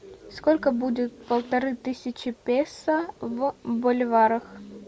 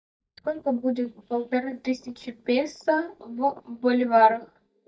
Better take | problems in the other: first | noise reduction (neural mask model DeepFilterNet 3)

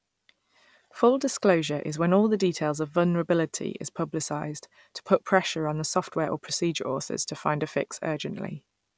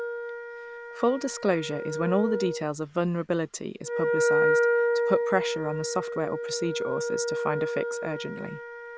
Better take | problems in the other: first | background sound (Wind instrument, woodwind instrument); 1 dB above the speech

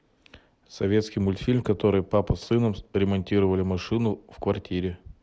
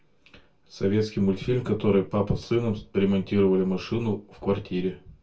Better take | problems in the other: first | room echo; dies away in 0.2 s

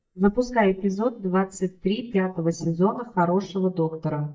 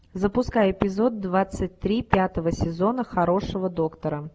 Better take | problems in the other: second | noise reduction (neural mask model DeepFilterNet 3)

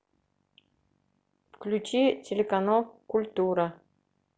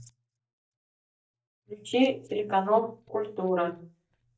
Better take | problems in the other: first | noise reduction (neural mask model DeepFilterNet 3)

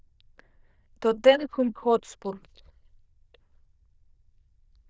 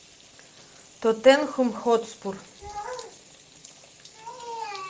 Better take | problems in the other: second | noise reduction (neural diffusion model UNIVERSE++)

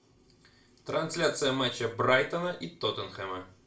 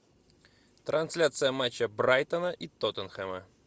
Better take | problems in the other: second | room echo; dies away in 0.3 s

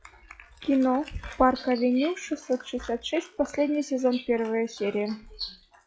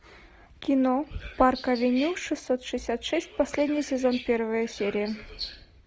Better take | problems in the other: second | noise reduction (classical method log-MMSE)

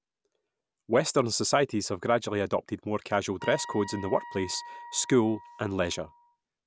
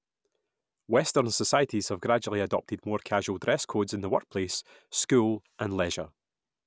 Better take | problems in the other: second | background sound (Wind instrument, woodwind instrument); 15 dB below the speech

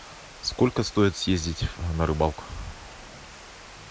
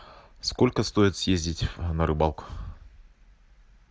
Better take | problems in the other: second | background sound (Water); 18 dB below the speech

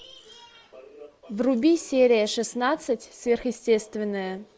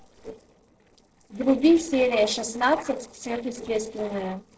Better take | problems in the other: first | noise reduction (neural separator model SepFormer DNS4)

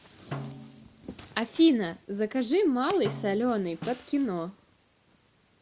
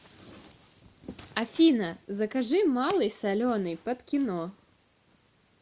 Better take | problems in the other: second | background sound (Snare drum + Snare drum); 16 dB below the speech

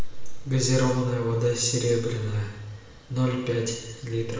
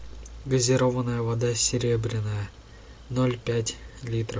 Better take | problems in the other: second | room echo; dies away in 1 s

